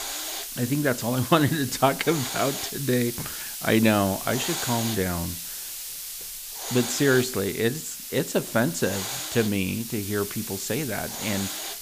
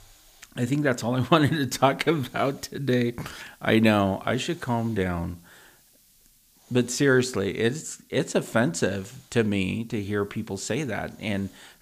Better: second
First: hiss; loud; throughout; 6 dB below the speech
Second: hiss; faint; throughout; 30 dB below the speech

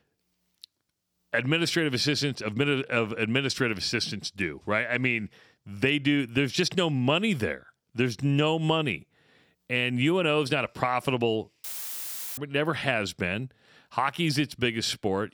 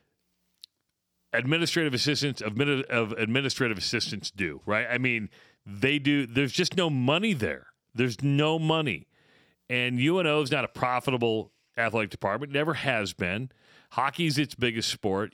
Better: second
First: audio cutting out; filled with static; at 12 s for 0.5 s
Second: none

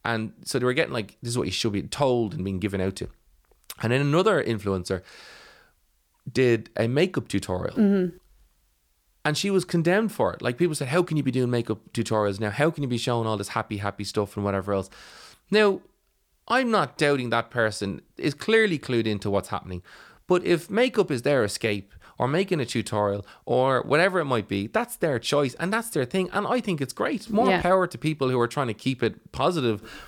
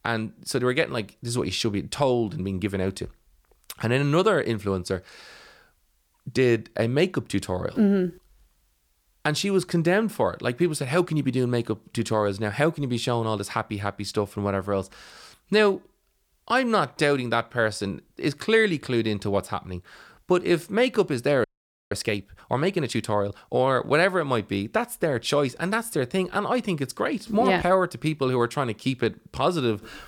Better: first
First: none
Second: audio freezing; at 21 s

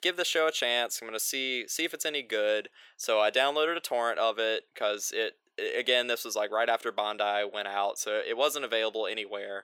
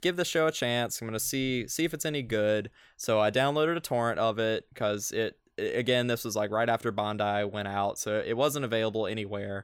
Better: second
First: thin; very; fading below 400 Hz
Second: none

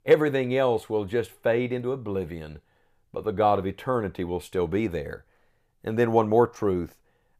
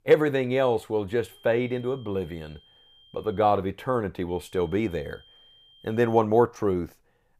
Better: first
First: none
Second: high-pitched whine; faint; from 1.5 to 3.5 s and from 4.5 to 6 s; 3 kHz, 30 dB below the speech

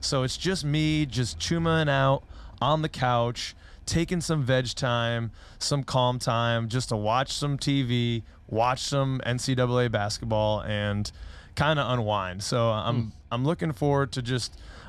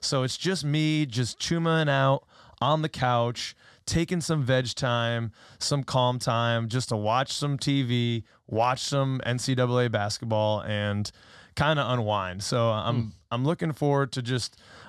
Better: second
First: traffic noise; faint; throughout; 20 dB below the speech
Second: none

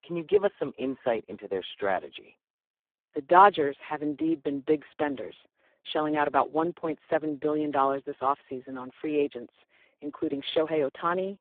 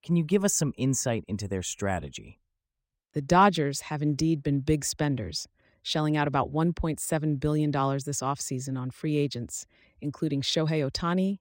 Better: second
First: phone-call audio; poor line; nothing above 3.5 kHz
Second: none

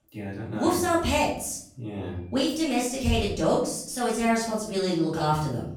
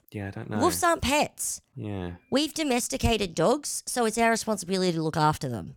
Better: second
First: off-mic speech; far // room echo; noticeable; dies away in 0.5 s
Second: none

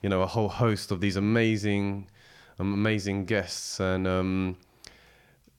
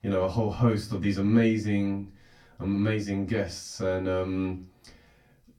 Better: first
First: none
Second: off-mic speech; far // room echo; very slight; dies away in 0.2 s

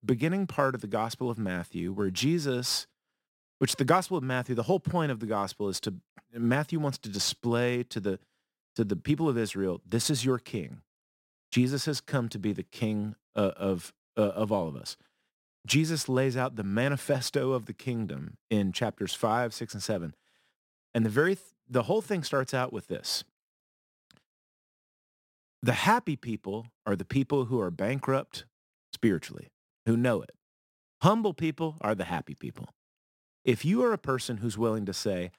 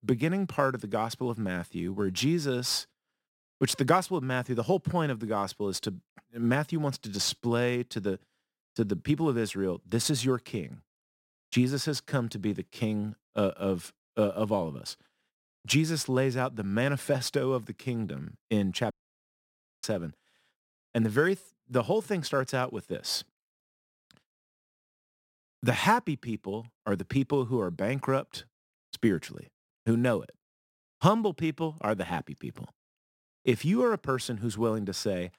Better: first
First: none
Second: audio cutting out; at 19 s for 1 s

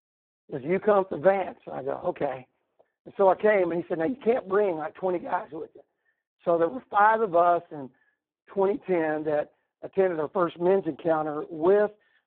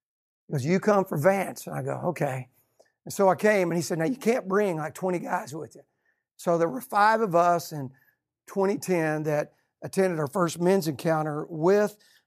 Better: second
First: phone-call audio; poor line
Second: none

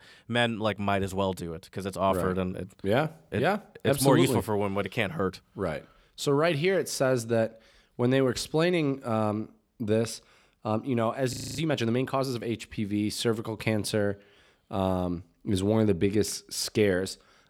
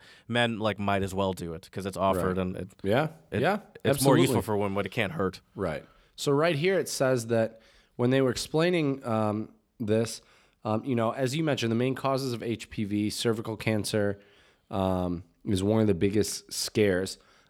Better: second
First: audio freezing; at 11 s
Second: none

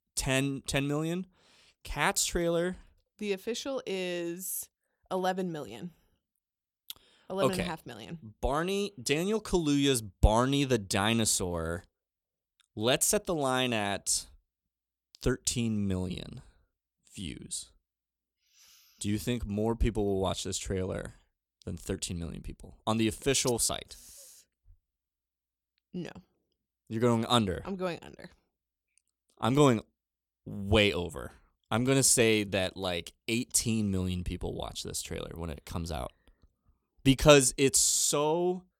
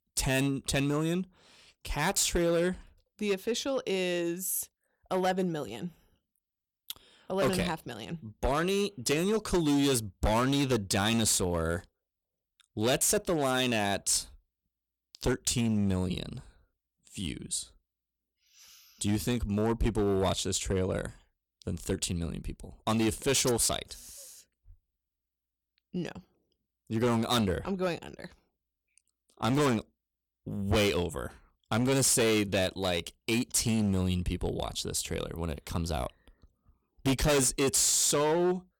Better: first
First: none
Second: distortion; heavy; 8% of the sound clipped

